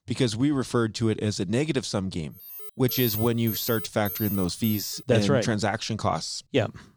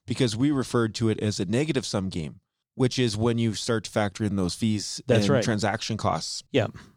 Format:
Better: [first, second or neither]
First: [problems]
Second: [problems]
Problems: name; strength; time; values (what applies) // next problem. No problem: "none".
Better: second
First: alarm; noticeable; from 2.5 to 5 s; peak 2 dB below the speech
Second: none